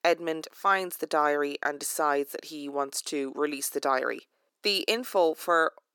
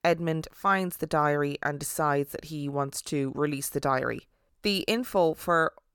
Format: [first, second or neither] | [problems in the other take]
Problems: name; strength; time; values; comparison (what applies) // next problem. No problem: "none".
second | thin; somewhat; fading below 300 Hz